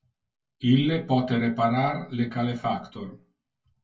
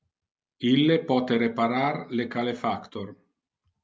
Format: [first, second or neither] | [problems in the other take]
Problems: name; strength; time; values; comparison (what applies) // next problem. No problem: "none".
second | room echo; dies away in 0.1 s